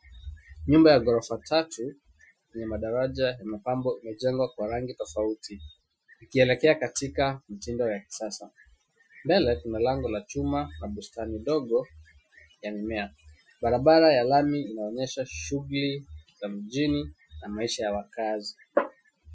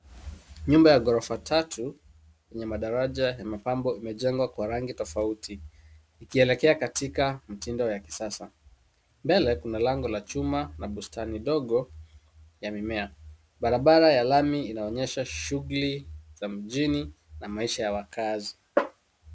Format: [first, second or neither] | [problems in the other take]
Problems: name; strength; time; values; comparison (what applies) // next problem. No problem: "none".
second | noise reduction (classical method Wiener filter)